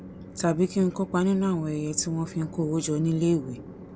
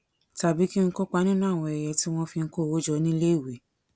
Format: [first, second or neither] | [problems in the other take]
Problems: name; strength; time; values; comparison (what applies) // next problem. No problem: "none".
second | background sound (Train); 15 dB below the speech